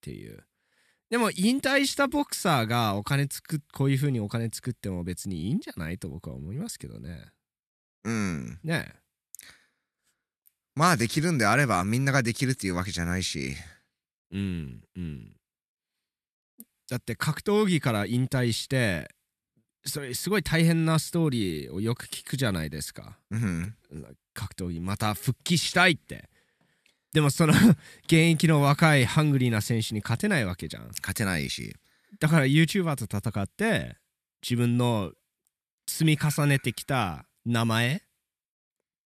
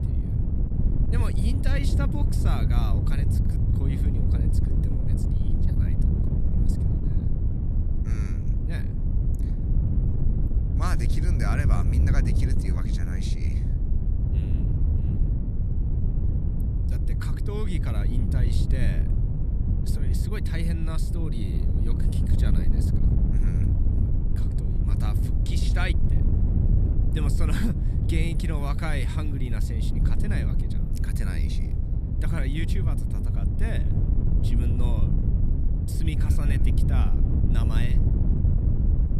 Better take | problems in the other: first | wind noise on the microphone; heavy; 1 dB below the speech

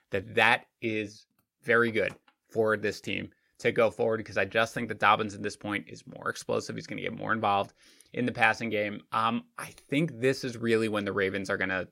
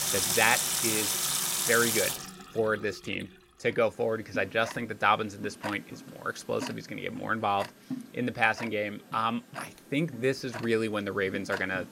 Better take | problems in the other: first | household noises; loud; throughout; as loud as the speech

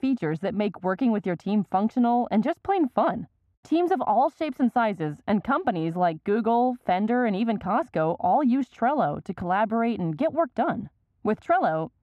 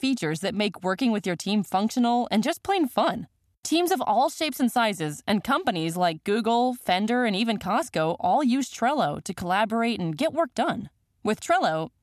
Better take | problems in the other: second | muffled; very; fading above 3 kHz

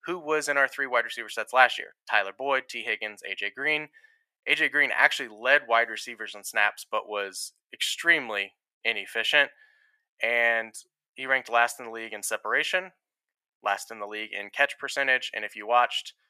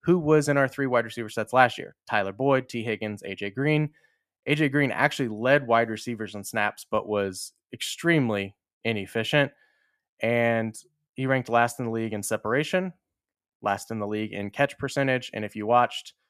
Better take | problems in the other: second | thin; very; fading below 700 Hz

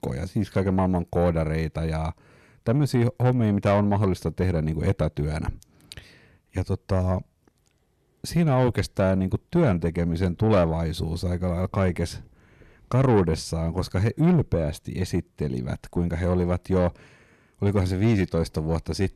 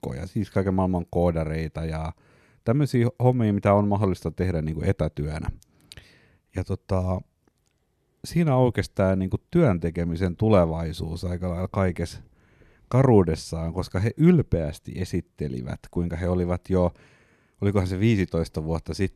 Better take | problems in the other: second | distortion; slight; 10 dB below the speech

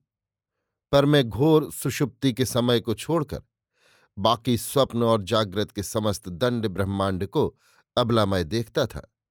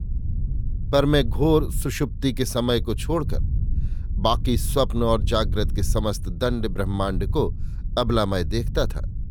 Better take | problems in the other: first | low rumble; faint; throughout; 20 dB below the speech

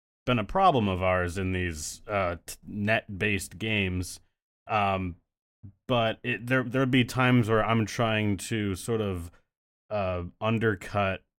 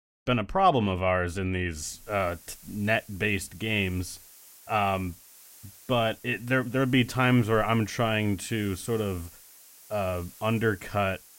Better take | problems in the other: first | hiss; faint; from 2 s on; 20 dB below the speech

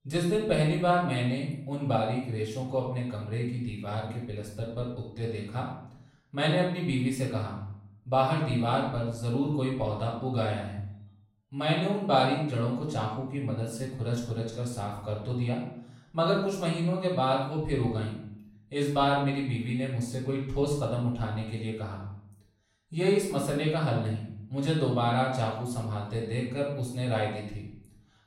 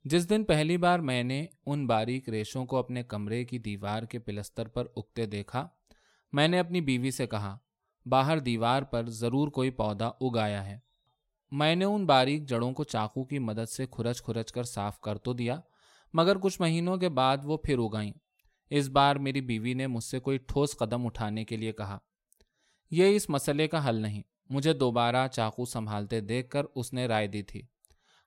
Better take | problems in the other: second | off-mic speech; far // room echo; noticeable; dies away in 0.6 s

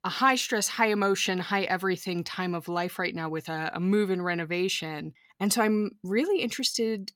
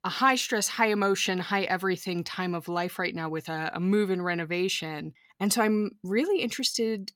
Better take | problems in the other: neither | none

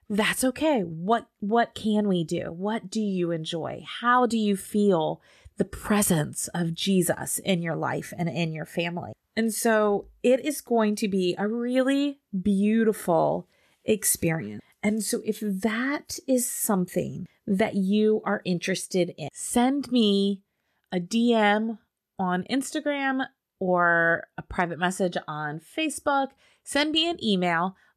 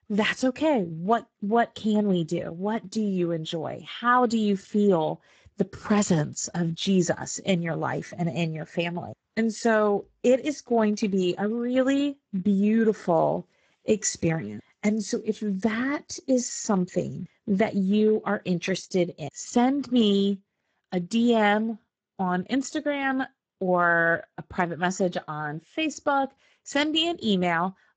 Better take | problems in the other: first | garbled, watery; badly; nothing above 7.5 kHz

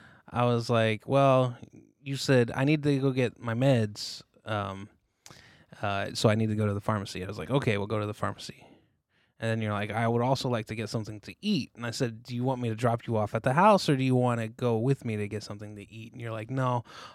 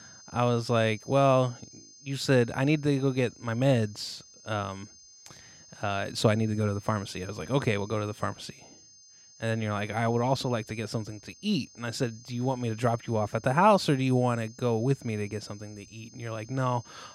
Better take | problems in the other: first | high-pitched whine; faint; throughout; 6.5 kHz, 20 dB below the speech

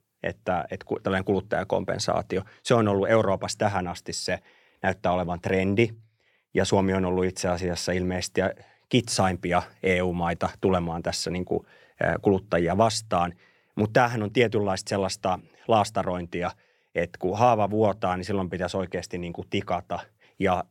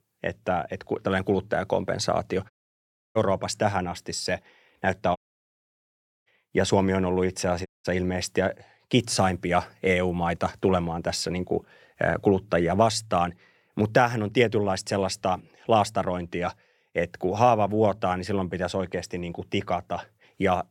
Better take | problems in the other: first | audio cutting out; at 2.5 s for 0.5 s, at 5 s for 1 s and at 7.5 s

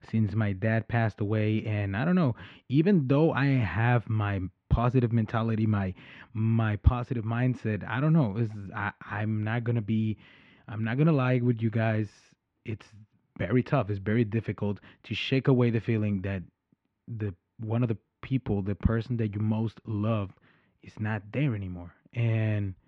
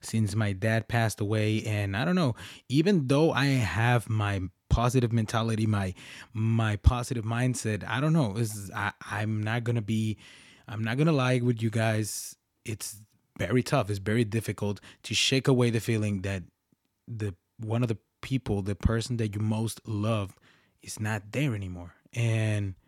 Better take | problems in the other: second | muffled; very; fading above 2.5 kHz

